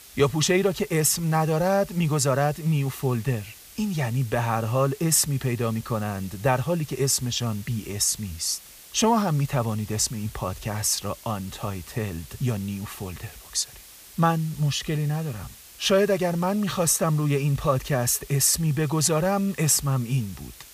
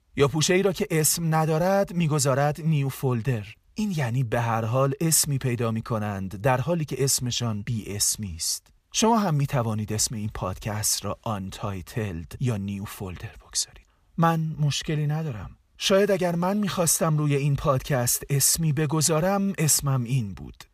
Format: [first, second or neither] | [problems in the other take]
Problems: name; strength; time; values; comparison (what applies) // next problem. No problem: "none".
second | hiss; noticeable; throughout; 20 dB below the speech